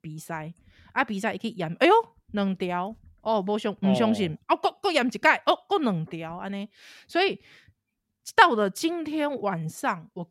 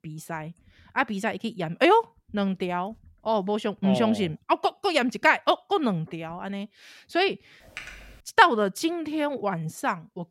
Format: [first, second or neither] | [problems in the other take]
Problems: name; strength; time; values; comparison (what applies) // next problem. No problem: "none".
first | keyboard typing; faint; at 7.5 s; peak 15 dB below the speech